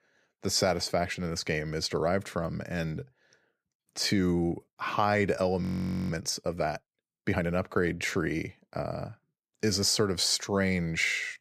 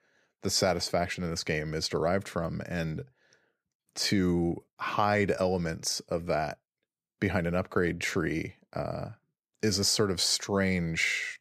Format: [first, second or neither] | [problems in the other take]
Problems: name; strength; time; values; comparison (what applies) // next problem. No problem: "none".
second | audio freezing; at 5.5 s